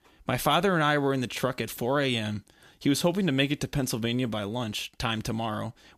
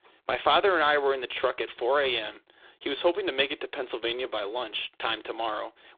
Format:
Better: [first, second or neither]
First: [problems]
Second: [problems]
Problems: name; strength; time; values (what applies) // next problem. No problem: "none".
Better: first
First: none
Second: phone-call audio; poor line; nothing above 3.5 kHz